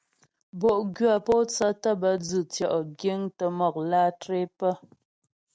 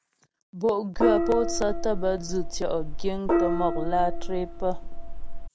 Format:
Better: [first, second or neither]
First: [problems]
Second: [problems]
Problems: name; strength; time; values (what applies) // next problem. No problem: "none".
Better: first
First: none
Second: background sound (Gong); 2 dB above the speech